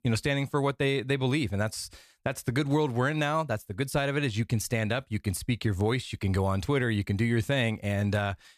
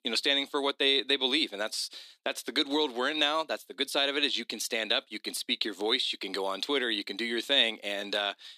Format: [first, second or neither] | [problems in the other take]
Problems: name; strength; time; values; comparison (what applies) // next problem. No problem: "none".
first | thin; somewhat; fading below 250 Hz